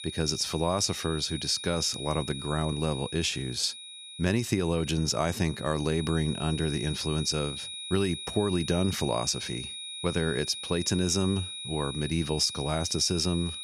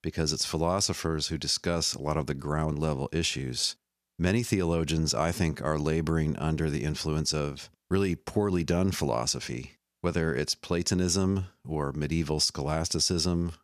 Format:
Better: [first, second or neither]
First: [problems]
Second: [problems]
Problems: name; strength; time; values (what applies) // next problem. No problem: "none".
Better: second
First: high-pitched whine; loud; throughout; 4 kHz, 8 dB below the speech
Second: none